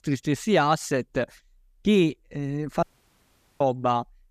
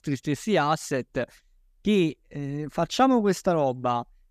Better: second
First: audio cutting out; at 3 s for 1 s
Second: none

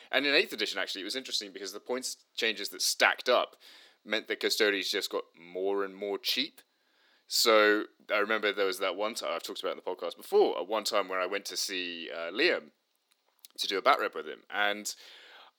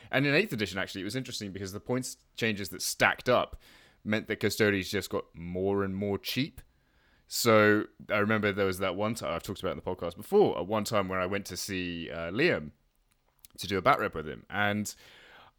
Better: second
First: thin; somewhat; fading below 300 Hz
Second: none

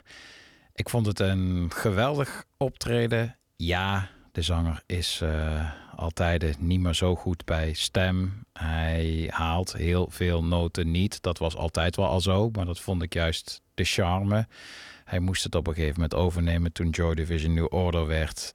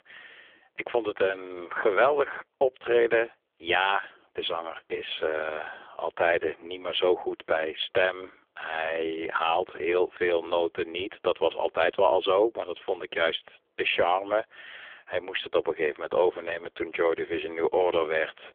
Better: first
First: none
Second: phone-call audio; poor line; nothing above 3.5 kHz

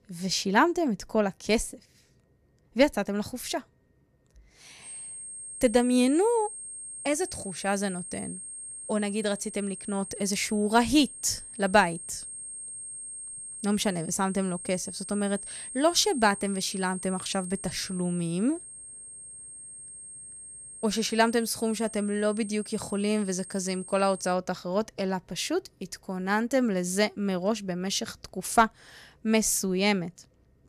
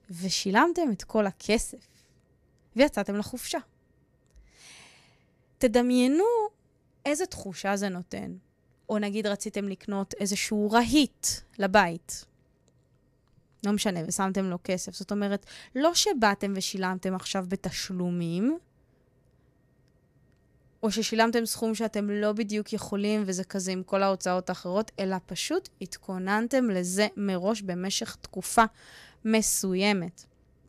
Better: second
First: high-pitched whine; noticeable; from 5 to 24 s; 8.5 kHz, 10 dB below the speech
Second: none

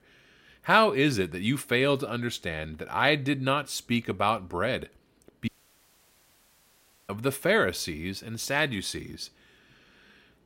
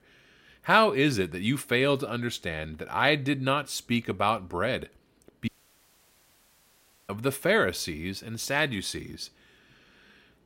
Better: neither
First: audio cutting out; at 5.5 s for 1.5 s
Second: audio cutting out; at 5.5 s for 1.5 s

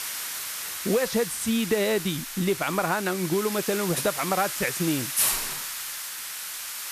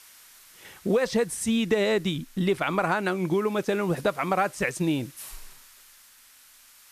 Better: second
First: hiss; loud; throughout; 3 dB below the speech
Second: hiss; faint; throughout; 25 dB below the speech

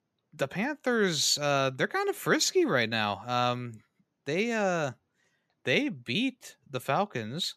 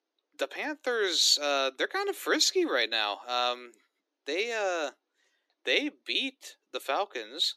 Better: first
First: none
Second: thin; somewhat; fading below 300 Hz

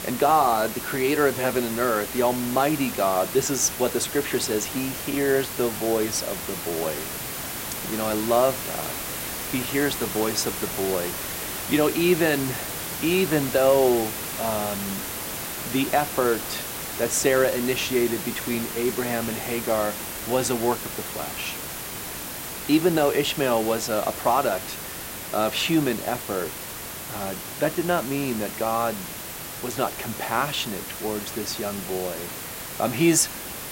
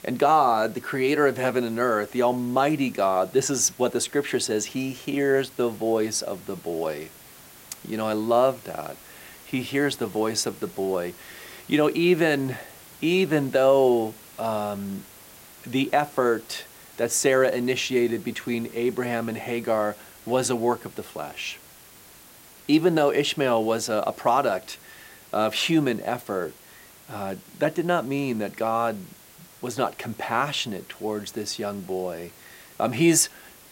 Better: second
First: hiss; loud; throughout; 6 dB below the speech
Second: hiss; faint; throughout; 20 dB below the speech

